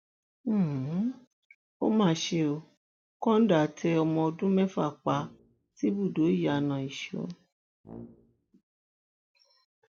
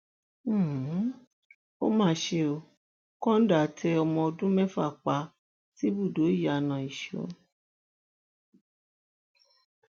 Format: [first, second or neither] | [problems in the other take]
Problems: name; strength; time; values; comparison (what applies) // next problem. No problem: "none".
second | background sound (Brass instrument); 19 dB below the speech